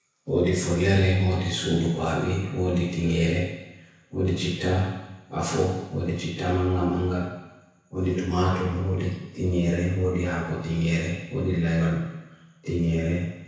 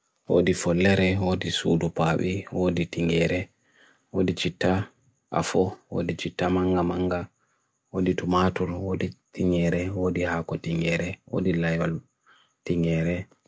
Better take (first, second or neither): second